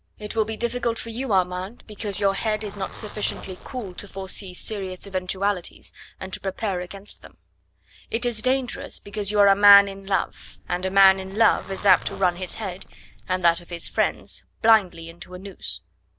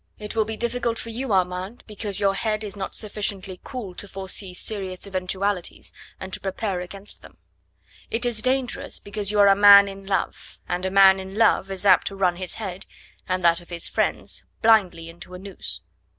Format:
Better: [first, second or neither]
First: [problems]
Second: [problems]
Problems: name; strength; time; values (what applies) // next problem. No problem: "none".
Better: second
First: background sound (Zipper (clothing)); 17 dB below the speech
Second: none